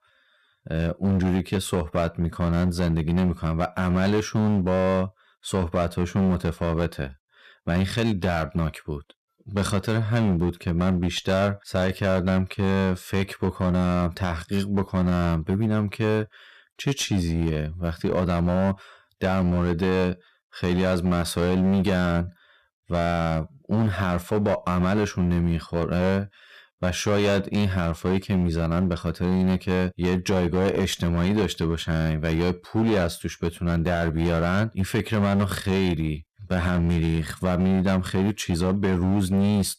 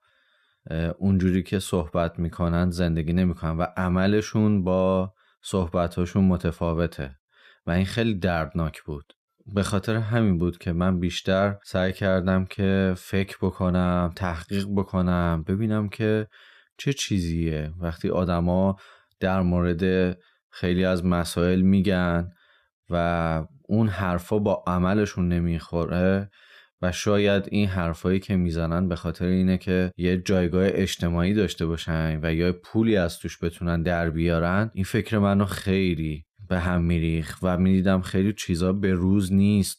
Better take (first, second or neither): second